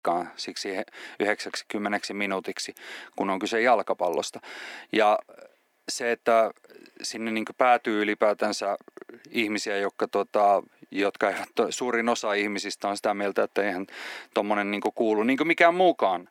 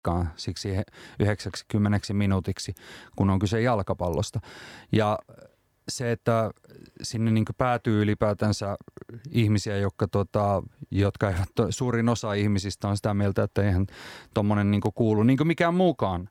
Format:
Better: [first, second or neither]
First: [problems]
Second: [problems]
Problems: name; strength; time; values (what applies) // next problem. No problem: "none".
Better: second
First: thin; somewhat; fading below 300 Hz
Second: none